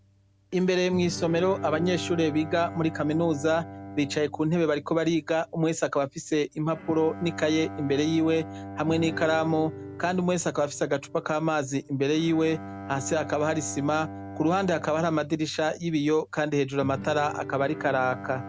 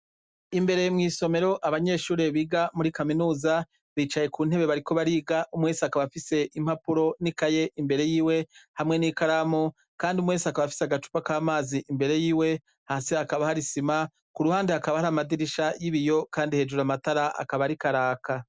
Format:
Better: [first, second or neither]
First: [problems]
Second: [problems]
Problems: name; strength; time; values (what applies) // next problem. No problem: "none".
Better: second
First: background sound (Bowed string instrument + Guitar); 13 dB below the speech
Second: none